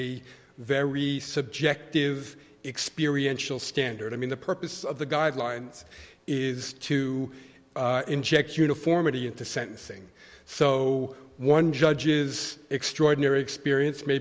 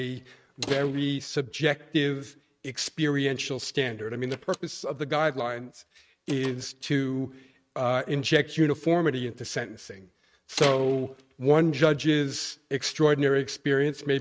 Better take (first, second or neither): first